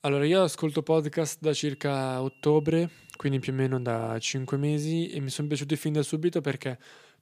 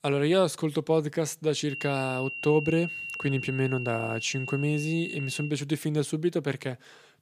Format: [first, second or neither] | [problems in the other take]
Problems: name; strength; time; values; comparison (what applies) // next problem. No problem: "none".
first | high-pitched whine; loud; from 1.5 to 5.5 s; 2.5 kHz, 7 dB below the speech; faint in the first